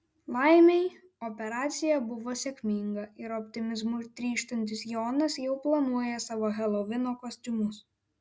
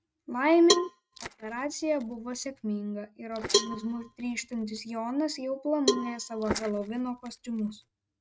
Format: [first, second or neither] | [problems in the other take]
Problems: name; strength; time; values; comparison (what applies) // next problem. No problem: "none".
first | noise reduction (neural mask model RNNoise)